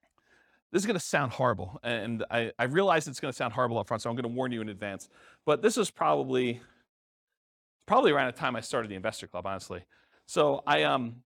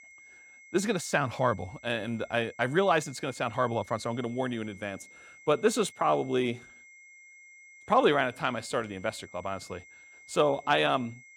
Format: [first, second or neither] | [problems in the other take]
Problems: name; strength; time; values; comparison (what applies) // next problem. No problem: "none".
first | high-pitched whine; faint; throughout; 2 kHz, 20 dB below the speech